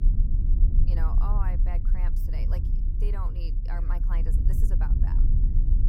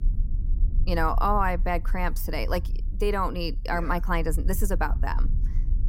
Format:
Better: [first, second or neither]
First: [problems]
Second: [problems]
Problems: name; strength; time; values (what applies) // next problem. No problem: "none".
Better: second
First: low rumble; loud; throughout; 3 dB below the speech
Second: low rumble; faint; throughout; 25 dB below the speech